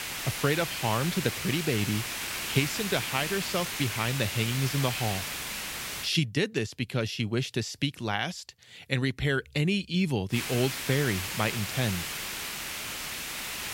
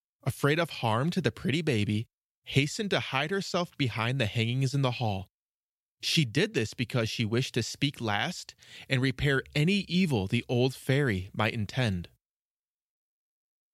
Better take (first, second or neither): second